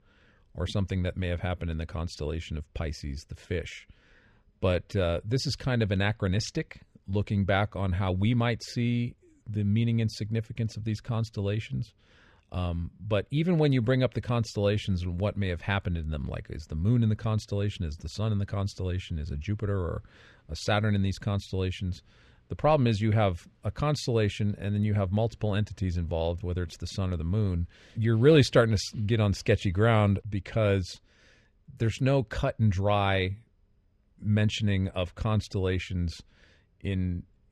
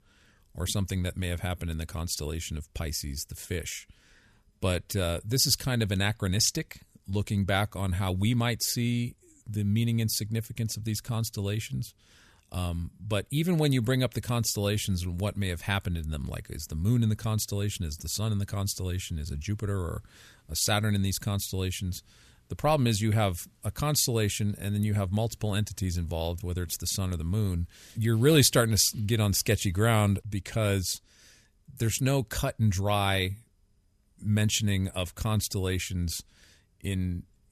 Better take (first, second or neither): second